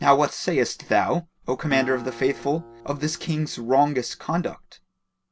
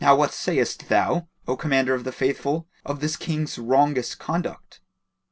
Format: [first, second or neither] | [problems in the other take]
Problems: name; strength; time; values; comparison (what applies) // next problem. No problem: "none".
second | background sound (Acoustic guitar); 17 dB below the speech